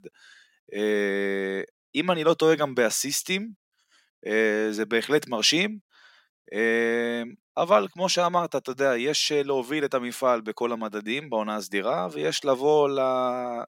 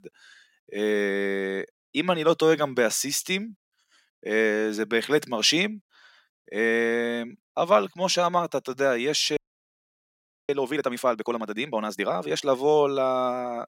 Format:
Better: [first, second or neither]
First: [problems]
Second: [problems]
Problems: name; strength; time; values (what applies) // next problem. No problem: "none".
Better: first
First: none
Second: audio freezing; at 9.5 s for 1 s